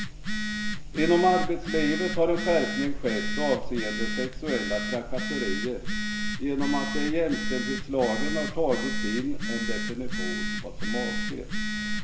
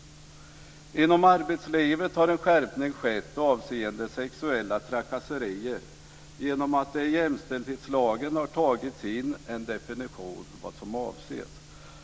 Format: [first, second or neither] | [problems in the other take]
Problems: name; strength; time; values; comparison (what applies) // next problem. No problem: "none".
second | background sound (Telephone); as loud as the speech // room echo; dies away in 2.1 s